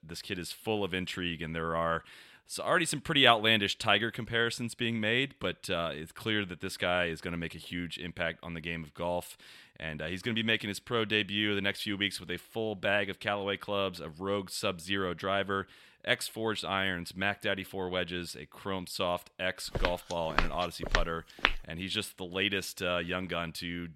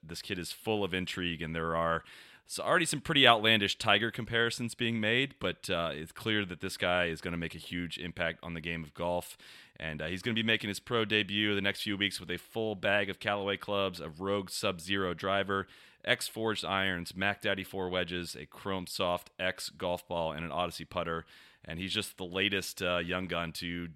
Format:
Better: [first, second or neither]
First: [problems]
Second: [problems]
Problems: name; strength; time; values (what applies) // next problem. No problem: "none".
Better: second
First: footsteps; loud; from 20 to 22 s; peak 1 dB above the speech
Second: none